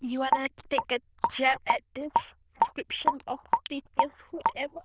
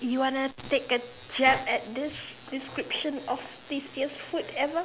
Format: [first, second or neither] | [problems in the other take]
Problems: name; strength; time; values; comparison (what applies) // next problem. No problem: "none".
second | noise reduction (neural diffusion model UNIVERSE++)